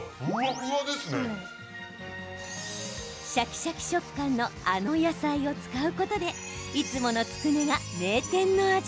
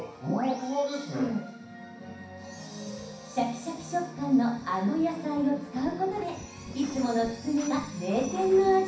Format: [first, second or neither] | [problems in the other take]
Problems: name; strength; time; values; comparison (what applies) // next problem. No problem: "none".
first | background sound (Scratching (performance technique)); 18 dB below the speech // room echo; dies away in 0.6 s